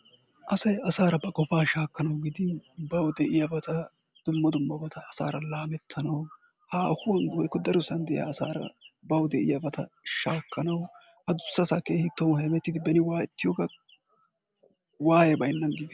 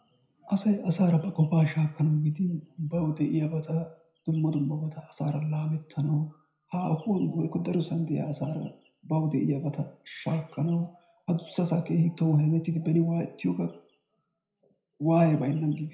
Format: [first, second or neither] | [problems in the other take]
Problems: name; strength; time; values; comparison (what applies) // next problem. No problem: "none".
first | room echo; dies away in 0.4 s